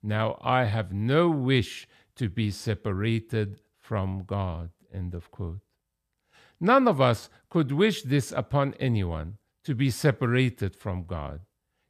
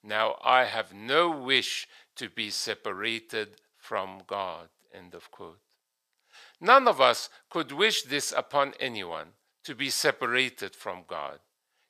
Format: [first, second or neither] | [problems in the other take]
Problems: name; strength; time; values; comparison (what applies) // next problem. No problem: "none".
first | thin; very; fading below 600 Hz